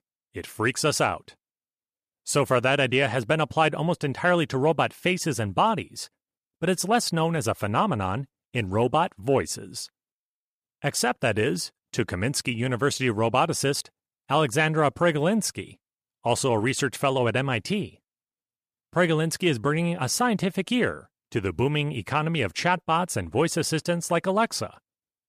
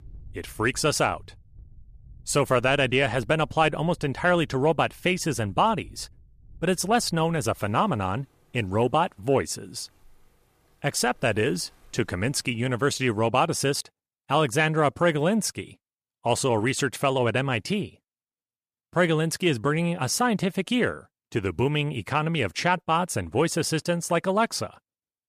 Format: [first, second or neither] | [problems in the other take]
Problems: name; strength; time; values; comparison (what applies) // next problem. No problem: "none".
first | rain or running water; faint; until 13 s; 30 dB below the speech